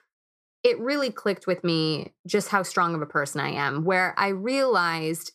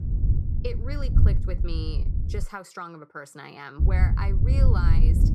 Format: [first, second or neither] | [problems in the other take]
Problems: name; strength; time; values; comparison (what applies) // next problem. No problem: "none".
first | wind noise on the microphone; heavy; until 2.5 s and from 4 s on; 3 dB below the speech